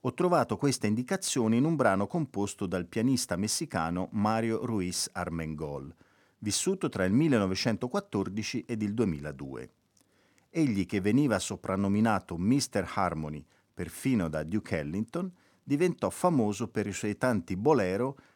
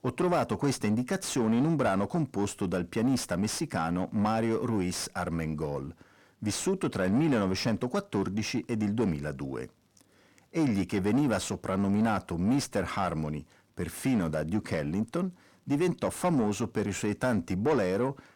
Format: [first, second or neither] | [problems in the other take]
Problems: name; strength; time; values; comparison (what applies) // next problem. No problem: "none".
first | distortion; slight; 10 dB below the speech